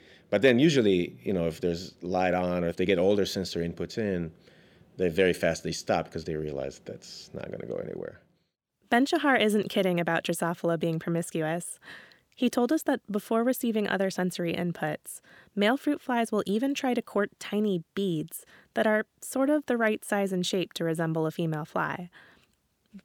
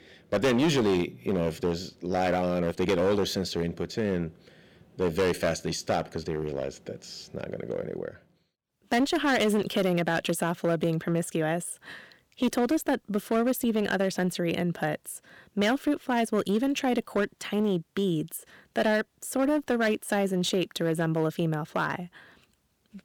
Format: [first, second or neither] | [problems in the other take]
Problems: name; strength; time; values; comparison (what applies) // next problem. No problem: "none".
first | distortion; slight; 8% of the sound clipped